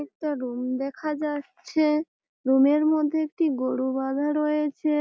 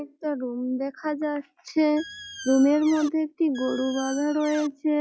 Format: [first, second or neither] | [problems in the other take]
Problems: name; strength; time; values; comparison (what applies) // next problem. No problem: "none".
first | noise reduction (classical method log-MMSE)